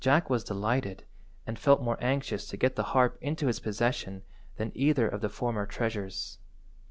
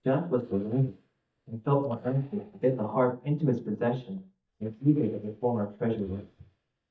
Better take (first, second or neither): first